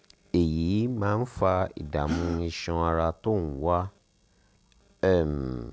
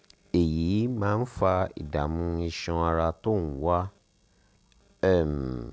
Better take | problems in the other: second | background sound (Gasp); 13 dB below the speech

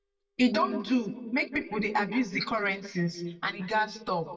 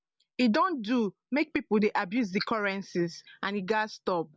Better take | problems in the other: second | noise reduction (neural mask model DeepFilterNet 3)

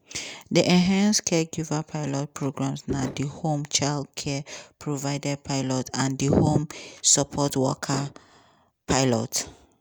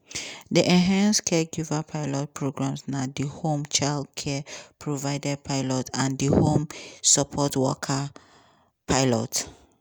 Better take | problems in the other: second | background sound (Bowed string instrument + Slam); 18 dB below the speech

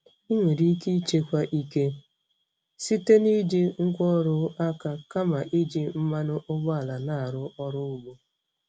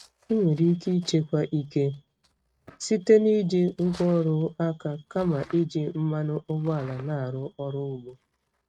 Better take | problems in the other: first | noise reduction (neural mask model RNNoise)

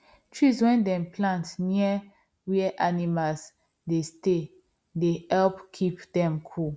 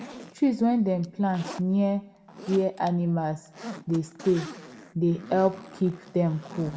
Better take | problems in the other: first | background sound (Zipper (clothing)); 17 dB below the speech // room echo; dies away in 1 s

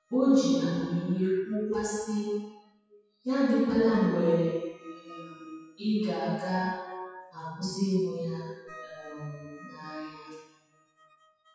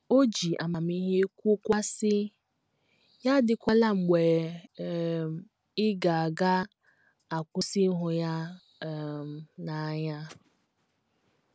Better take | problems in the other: second | noise reduction (classical method WPE with log-MMSE)

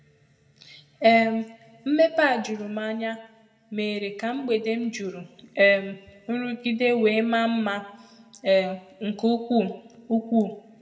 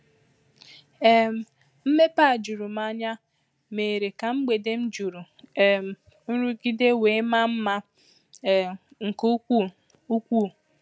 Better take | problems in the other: second | room echo; dies away in 1.1 s

